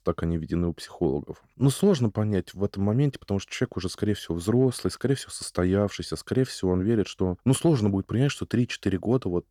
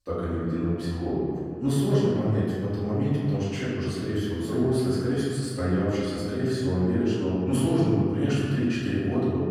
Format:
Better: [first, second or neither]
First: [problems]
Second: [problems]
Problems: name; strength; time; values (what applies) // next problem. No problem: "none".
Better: first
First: none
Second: off-mic speech; far // room echo; strong; dies away in 2 s